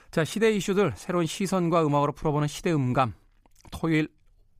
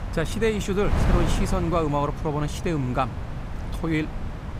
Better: first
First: none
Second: wind noise on the microphone; heavy; 9 dB below the speech

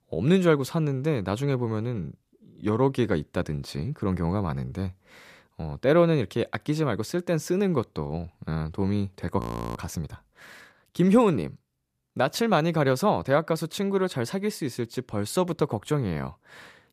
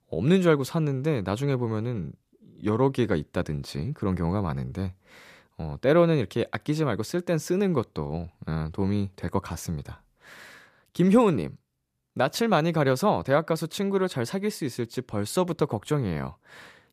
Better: second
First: audio freezing; at 9.5 s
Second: none

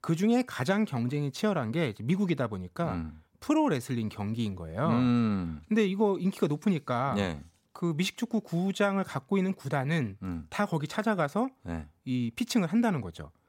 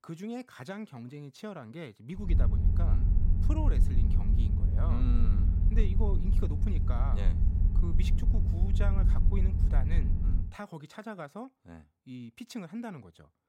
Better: first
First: none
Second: low rumble; loud; from 2.5 to 10 s; 2 dB below the speech

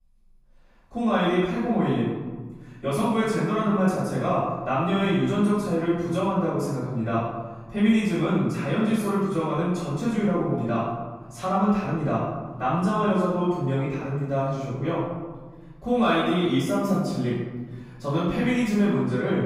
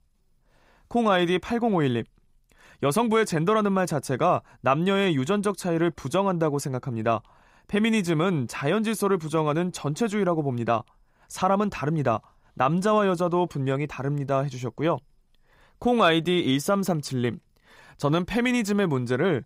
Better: second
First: off-mic speech; far // room echo; strong; dies away in 1.4 s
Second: none

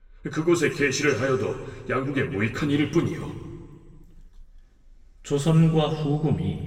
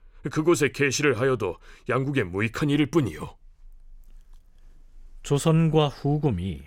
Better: second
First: room echo; noticeable; dies away in 1.6 s // off-mic speech; far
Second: none

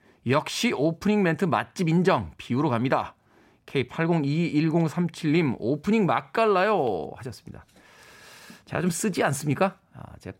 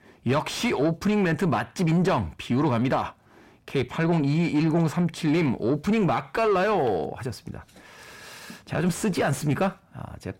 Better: first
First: none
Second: distortion; slight; 10 dB below the speech

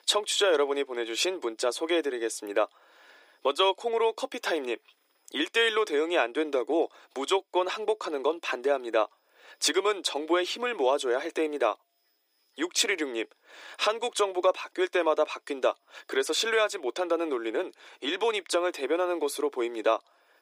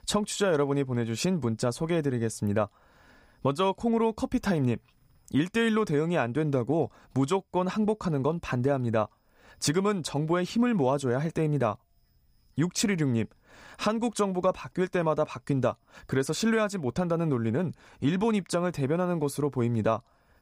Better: second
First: thin; very; fading below 300 Hz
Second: none

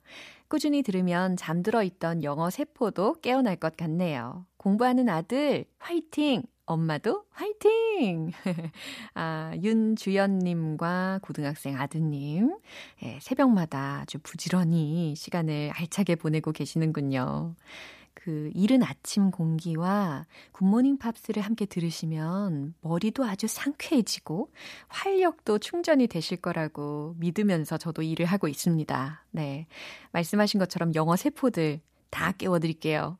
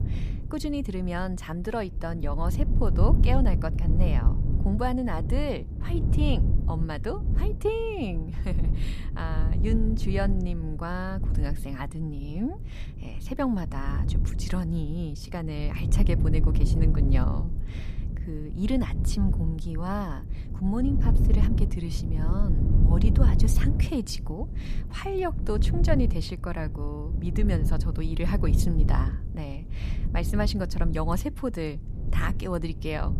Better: first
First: none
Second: low rumble; loud; throughout; 8 dB below the speech

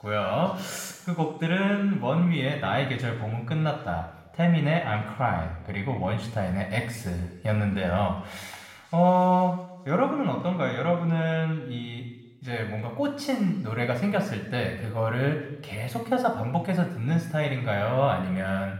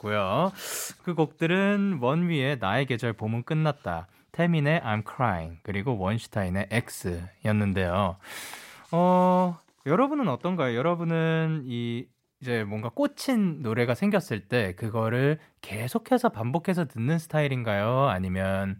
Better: second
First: room echo; noticeable; dies away in 0.9 s // off-mic speech; somewhat distant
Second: none

